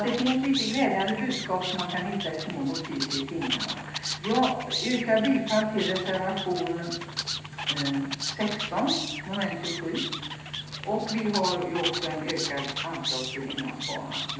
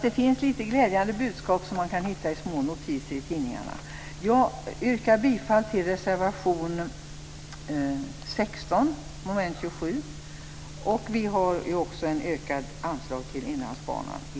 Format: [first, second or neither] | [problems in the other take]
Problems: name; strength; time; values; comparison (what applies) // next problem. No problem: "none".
second | background sound (Animal); 5 dB below the speech // room echo; dies away in 0.9 s